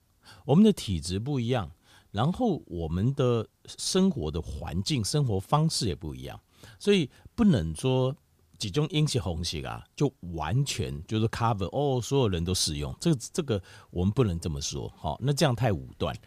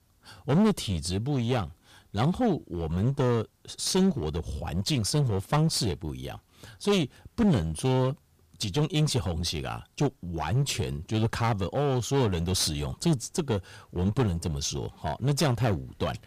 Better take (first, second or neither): first